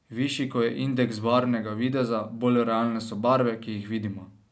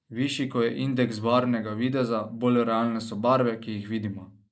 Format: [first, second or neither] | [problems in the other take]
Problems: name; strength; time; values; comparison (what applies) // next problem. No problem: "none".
first | noise reduction (neural mask model Resemble Enhance denoiser)